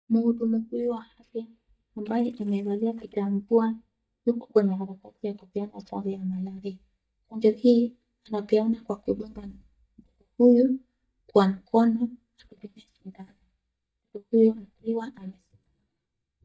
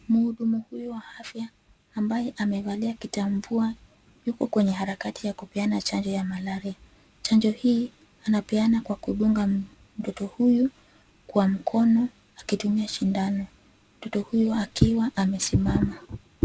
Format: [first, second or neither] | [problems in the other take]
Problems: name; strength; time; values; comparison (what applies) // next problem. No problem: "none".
second | noise reduction (neural mask model DeepFilterNet 3)